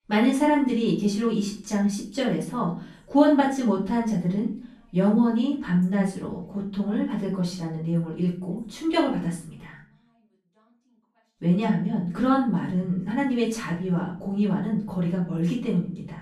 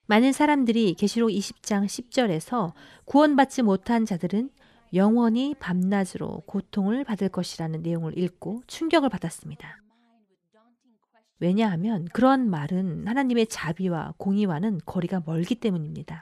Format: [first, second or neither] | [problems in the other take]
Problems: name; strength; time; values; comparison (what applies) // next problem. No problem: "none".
second | off-mic speech; far // room echo; slight; dies away in 0.4 s